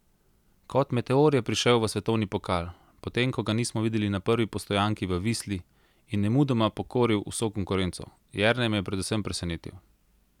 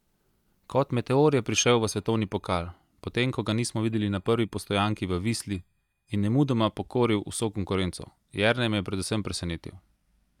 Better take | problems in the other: first | noise reduction (neural mask model DeepFilterNet 3)

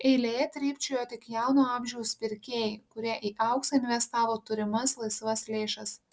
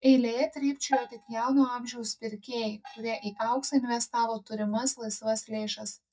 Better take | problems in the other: first | noise reduction (neural mask model DeepFilterNet 3)

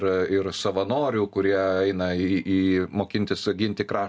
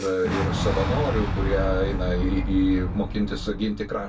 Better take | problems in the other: first | background sound (Boom); 1 dB below the speech // room echo; dies away in 0.1 s

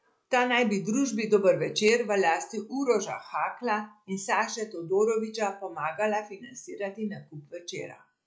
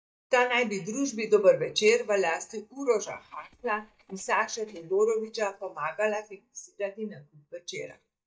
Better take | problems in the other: first | noise reduction (neural mask model DeepFilterNet 3)

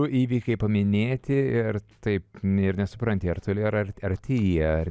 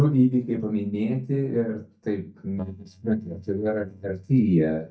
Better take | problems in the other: first | noise reduction (neural mask model DeepFilterNet 3)

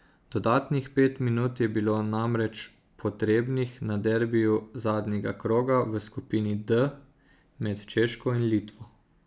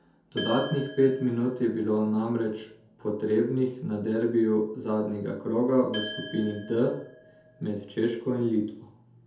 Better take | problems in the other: first | background sound (Glass); 16 dB below the speech // room echo; dies away in 0.5 s

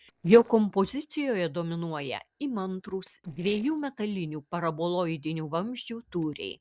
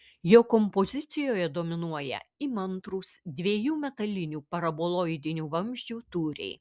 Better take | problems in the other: second | noise reduction (neural separator model SepFormer DNS4)

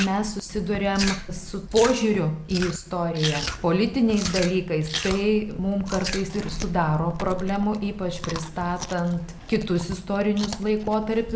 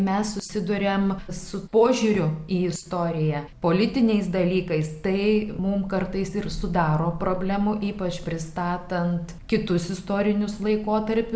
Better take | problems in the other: second | background sound (Chewing, mastication); 11 dB below the speech

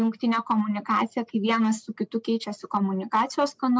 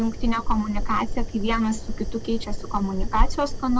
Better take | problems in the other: first | background sound (Fire); 1 dB above the speech

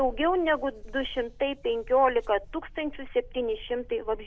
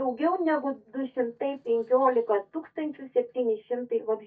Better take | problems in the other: first | noise reduction (neural mask model DeepFilterNet 3)

